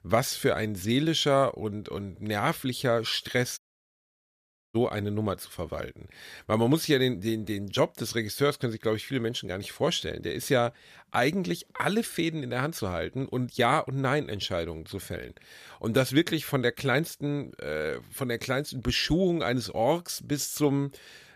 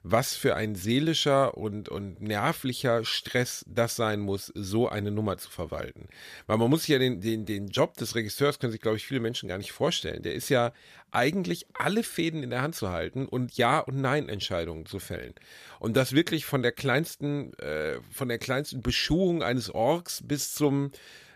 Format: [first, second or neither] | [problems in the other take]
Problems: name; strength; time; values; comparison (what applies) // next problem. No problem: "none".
second | audio cutting out; at 3.5 s for 1 s